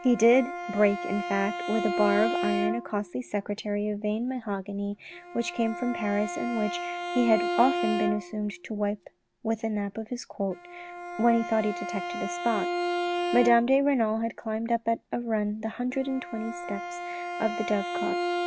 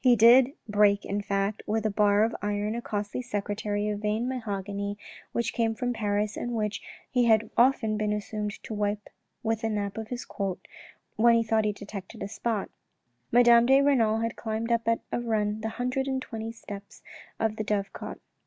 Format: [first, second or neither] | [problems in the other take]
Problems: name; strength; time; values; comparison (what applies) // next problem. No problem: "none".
second | background sound (Bowed string instrument); 6 dB below the speech